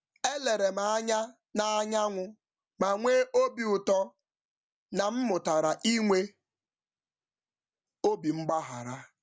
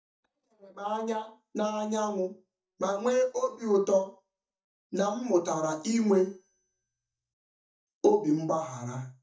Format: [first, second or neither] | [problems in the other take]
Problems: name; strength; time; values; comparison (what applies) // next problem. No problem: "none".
first | noise reduction (neural mask model DeepFilterNet 3)